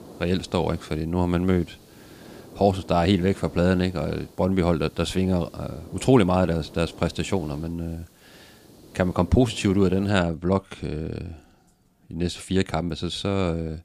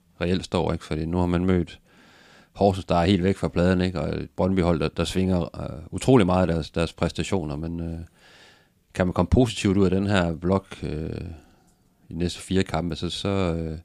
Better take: second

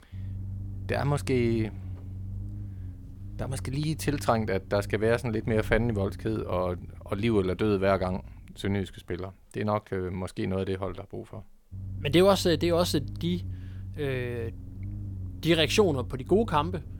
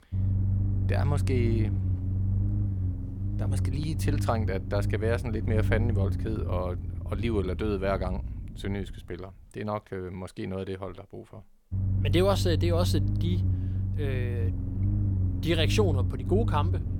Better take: first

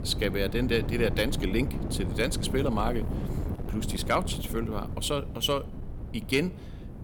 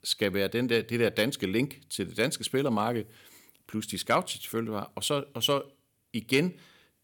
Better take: second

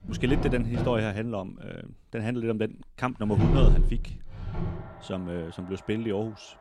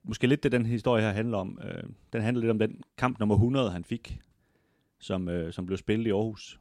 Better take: second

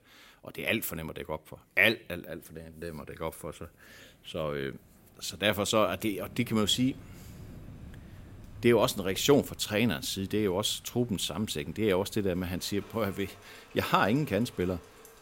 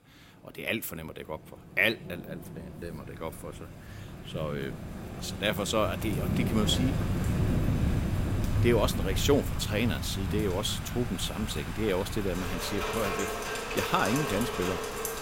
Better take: first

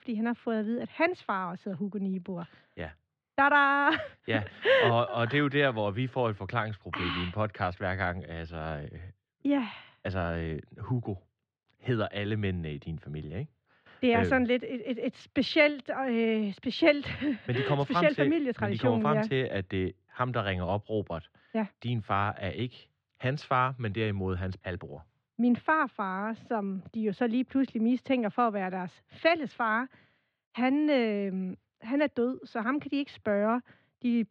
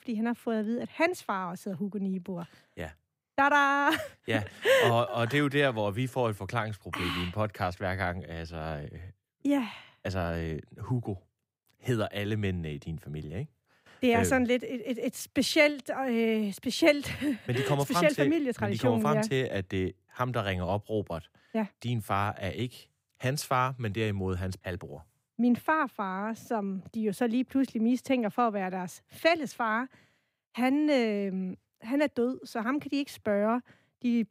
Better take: second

